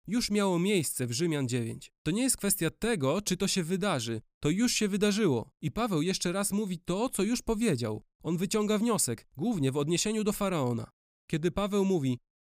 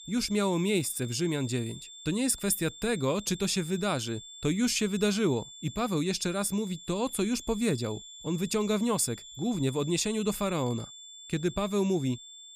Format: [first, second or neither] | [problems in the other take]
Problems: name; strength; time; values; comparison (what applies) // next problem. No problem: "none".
first | high-pitched whine; noticeable; throughout; 3.5 kHz, 15 dB below the speech